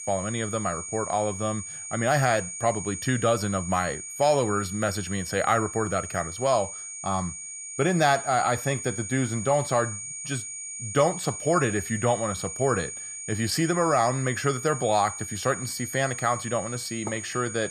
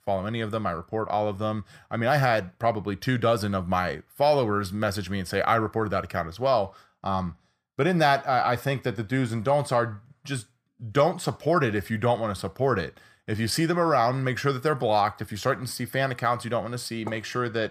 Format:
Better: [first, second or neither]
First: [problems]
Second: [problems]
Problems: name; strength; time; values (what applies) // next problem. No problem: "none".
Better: second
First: high-pitched whine; loud; throughout; 6.5 kHz, 8 dB below the speech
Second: none